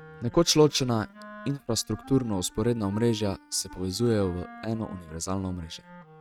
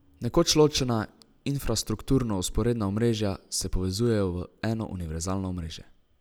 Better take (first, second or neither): second